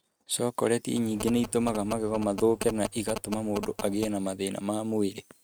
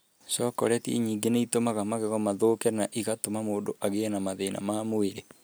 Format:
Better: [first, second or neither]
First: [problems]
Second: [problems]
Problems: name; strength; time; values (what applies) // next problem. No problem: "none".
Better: second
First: noise reduction (neural mask model RNNoise)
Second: none